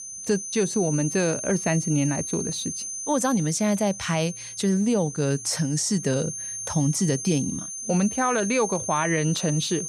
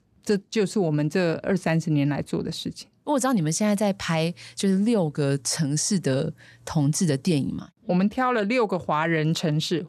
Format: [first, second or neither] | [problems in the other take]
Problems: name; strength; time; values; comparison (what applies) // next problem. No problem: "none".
second | high-pitched whine; loud; throughout; 6.5 kHz, 6 dB below the speech